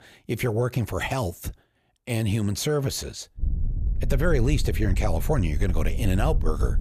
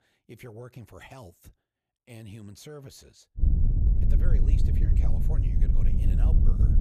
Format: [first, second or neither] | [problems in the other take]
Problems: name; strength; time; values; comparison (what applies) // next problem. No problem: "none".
first | wind noise on the microphone; heavy; from 3.5 s on; 5 dB above the speech; occasional gusts in the first